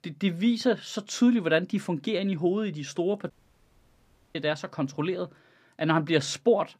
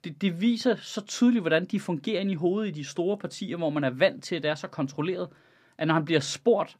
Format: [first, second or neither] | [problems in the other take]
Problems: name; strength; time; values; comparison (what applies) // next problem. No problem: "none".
second | audio cutting out; at 3.5 s for 1 s